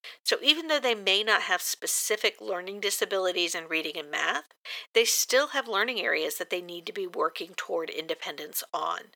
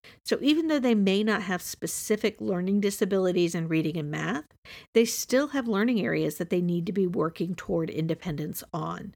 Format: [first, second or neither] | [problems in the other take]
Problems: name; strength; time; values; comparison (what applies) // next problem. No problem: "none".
second | thin; very; fading below 600 Hz